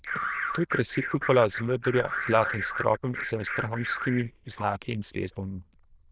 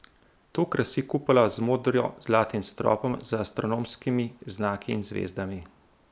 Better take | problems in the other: second | noise reduction (neural diffusion model UNIVERSE++)

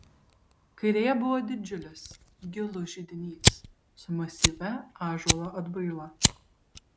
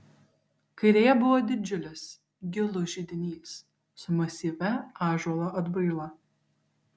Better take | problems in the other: second | background sound (Fire); 1 dB above the speech

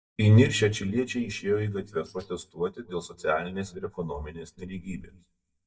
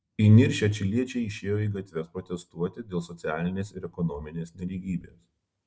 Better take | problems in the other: second | noise reduction (neural mask model DeepFilterNet 3)

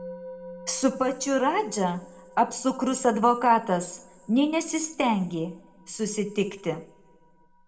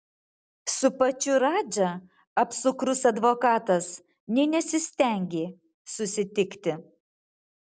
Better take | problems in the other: second | background sound (Musical instrument); 20 dB below the speech // room echo; dies away in 0.5 s

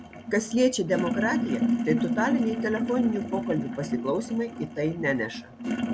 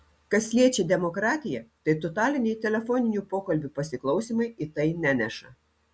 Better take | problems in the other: second | background sound (Sink (filling or washing)); 2 dB below the speech

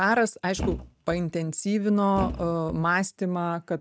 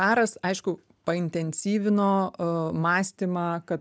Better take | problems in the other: second | noise reduction (neural mask model RNNoise)

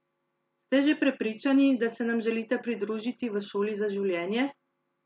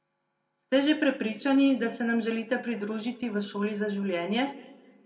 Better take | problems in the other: first | room echo; dies away in 0.8 s

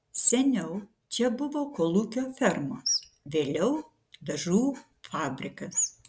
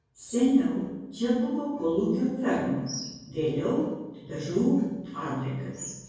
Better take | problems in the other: first | room echo; dies away in 1.3 s

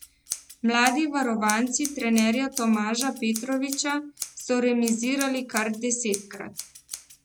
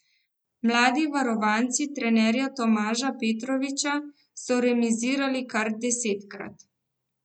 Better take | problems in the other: second | background sound (Scissors); 13 dB below the speech

